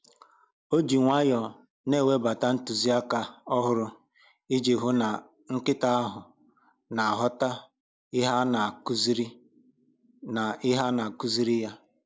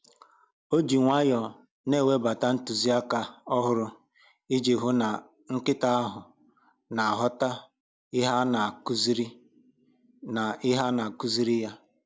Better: second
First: noise reduction (neural mask model Resemble Enhance denoiser)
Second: none

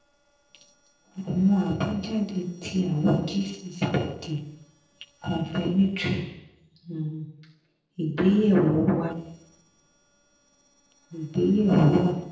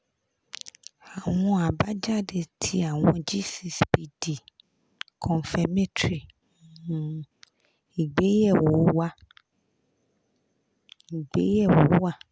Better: second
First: noise reduction (neural separator model SepFormer DNS4)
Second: none

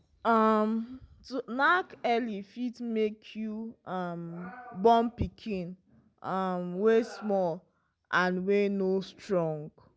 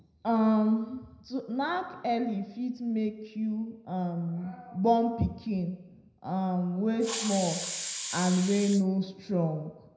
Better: first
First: none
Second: background sound (Hiss); 7 dB below the speech // room echo; dies away in 0.7 s

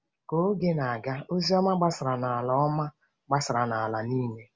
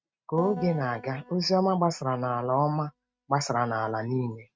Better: first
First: none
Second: noise reduction (neural mask model RNNoise)

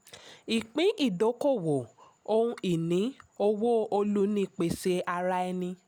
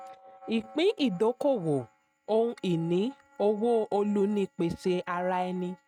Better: first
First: none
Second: noise reduction (neural mask model RNNoise)

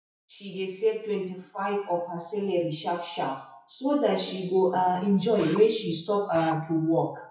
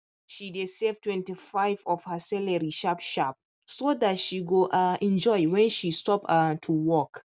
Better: second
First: noise reduction (classical method WPE with log-MMSE)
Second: none

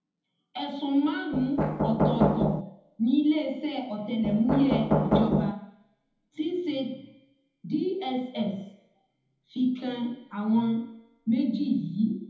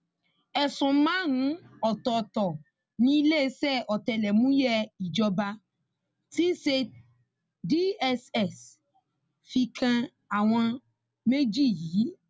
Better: second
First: background sound (Knock); 3 dB above the speech // room echo; dies away in 1 s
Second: none

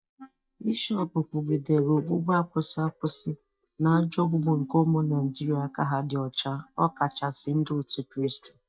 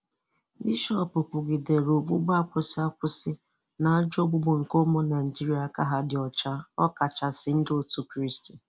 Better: second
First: noise reduction (neural mask model DeepFilterNet 3)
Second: none

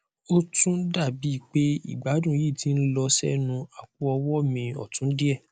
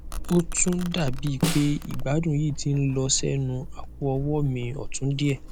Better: first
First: none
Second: background sound (Domestic sounds, home sounds + Snare drum); 6 dB below the speech

